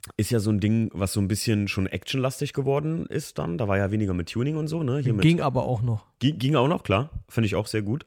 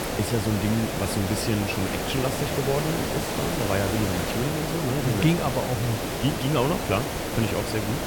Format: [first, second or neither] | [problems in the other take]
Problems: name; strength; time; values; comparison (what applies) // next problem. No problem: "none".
first | hiss; loud; throughout; 1 dB below the speech